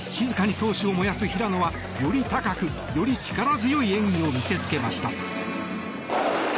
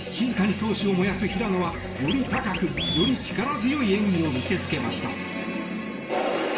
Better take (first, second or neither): first